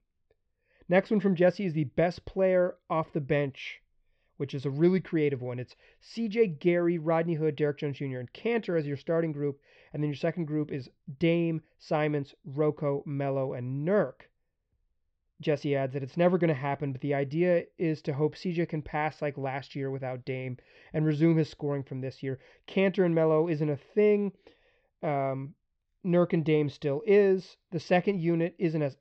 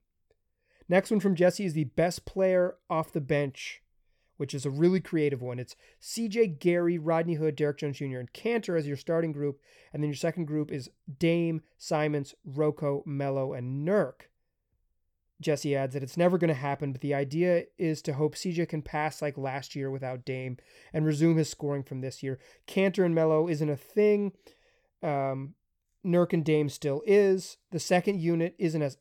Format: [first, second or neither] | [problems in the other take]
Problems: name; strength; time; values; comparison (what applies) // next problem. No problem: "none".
second | muffled; slightly; fading above 4 kHz